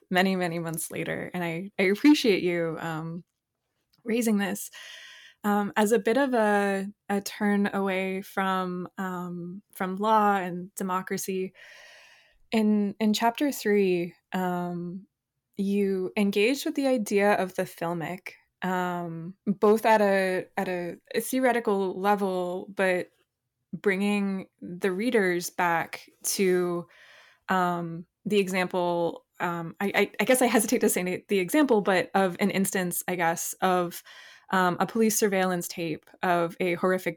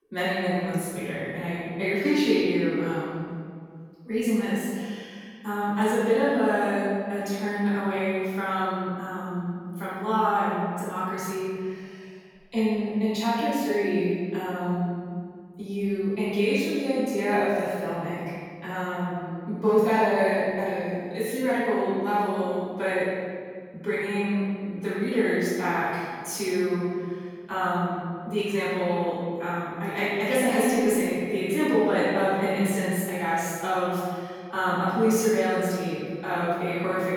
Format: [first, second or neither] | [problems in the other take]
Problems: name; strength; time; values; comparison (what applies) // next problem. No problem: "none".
first | off-mic speech; far // room echo; strong; dies away in 1.9 s